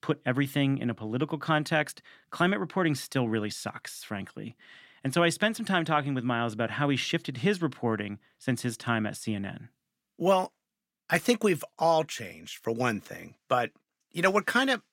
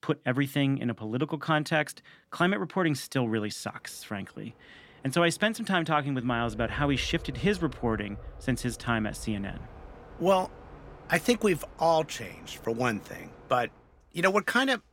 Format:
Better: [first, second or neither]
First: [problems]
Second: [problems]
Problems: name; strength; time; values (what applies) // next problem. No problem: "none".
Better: first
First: none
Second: train or aircraft noise; noticeable; throughout; 20 dB below the speech